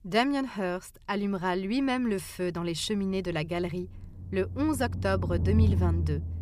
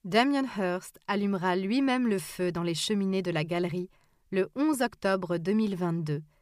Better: second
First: low rumble; noticeable; throughout; 10 dB below the speech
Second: none

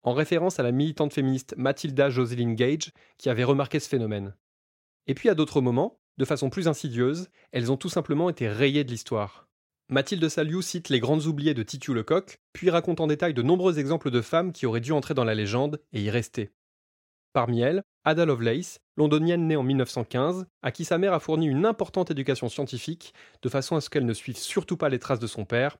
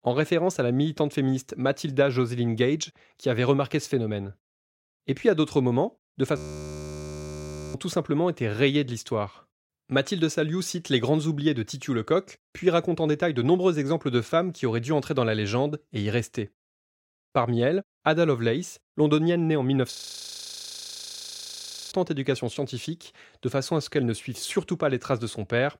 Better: first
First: none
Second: audio freezing; at 6.5 s for 1.5 s and at 20 s for 2 s

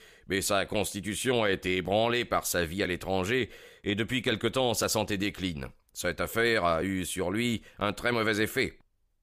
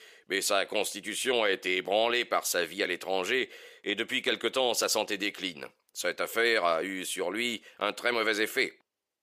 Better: first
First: none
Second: thin; somewhat; fading below 400 Hz

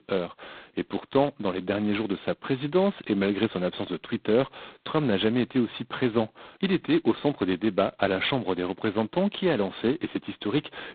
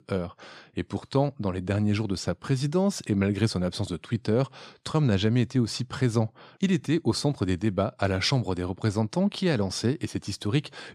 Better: second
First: phone-call audio; poor line; nothing above 4 kHz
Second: none

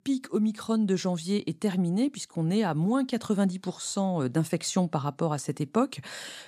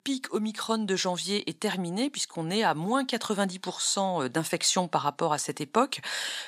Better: first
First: none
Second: thin; somewhat; fading below 750 Hz

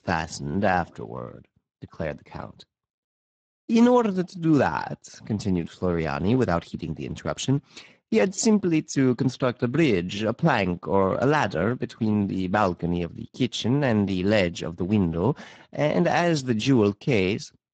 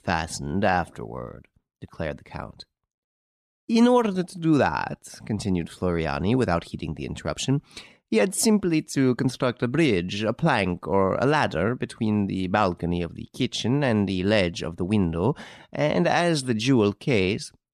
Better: second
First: garbled, watery; badly; nothing above 7.5 kHz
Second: none

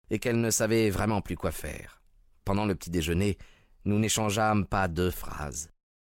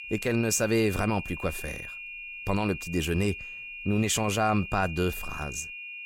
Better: first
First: none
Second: high-pitched whine; loud; throughout; 2.5 kHz, 10 dB below the speech

